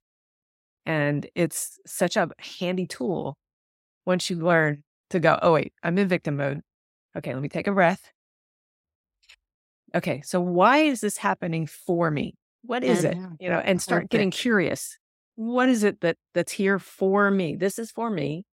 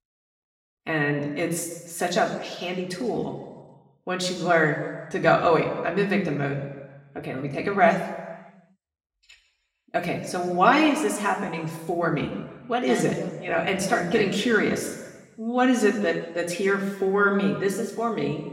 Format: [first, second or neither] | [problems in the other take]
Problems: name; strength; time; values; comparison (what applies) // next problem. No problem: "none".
first | room echo; slight; dies away in 1.1 s // off-mic speech; somewhat distant